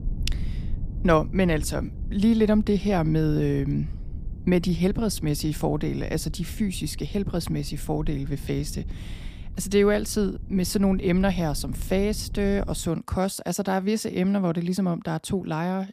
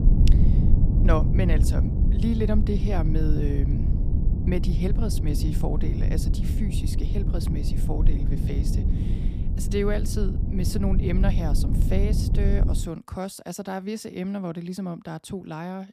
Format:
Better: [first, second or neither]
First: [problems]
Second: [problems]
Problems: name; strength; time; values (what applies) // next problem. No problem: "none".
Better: first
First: low rumble; faint; until 13 s; 20 dB below the speech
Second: low rumble; loud; until 13 s; 4 dB below the speech